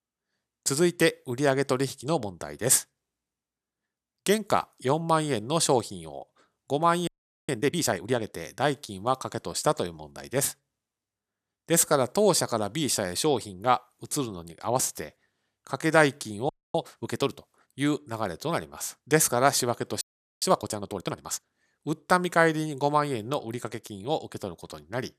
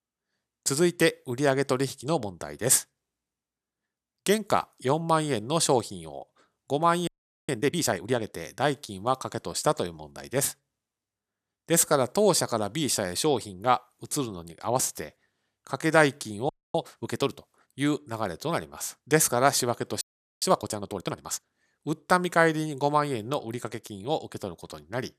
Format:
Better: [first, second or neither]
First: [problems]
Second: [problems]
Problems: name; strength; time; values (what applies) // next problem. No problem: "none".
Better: neither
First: audio freezing; at 7 s, at 16 s and at 20 s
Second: audio freezing; at 7 s, at 16 s and at 20 s